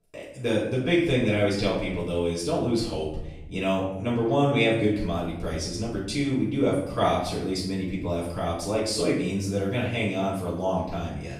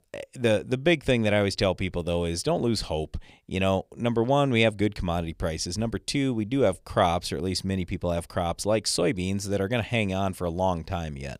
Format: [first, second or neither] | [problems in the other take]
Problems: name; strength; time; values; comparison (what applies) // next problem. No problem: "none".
second | off-mic speech; far // room echo; noticeable; dies away in 0.7 s